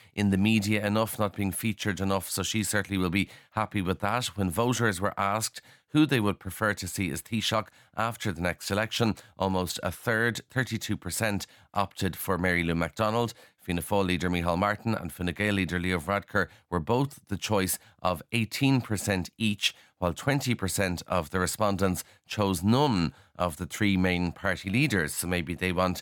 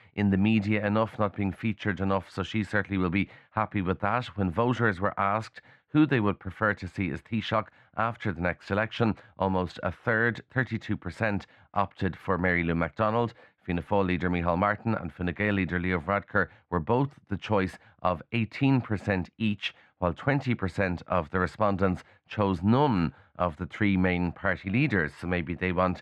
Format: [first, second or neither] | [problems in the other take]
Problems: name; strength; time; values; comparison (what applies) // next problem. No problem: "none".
first | muffled; very; fading above 2 kHz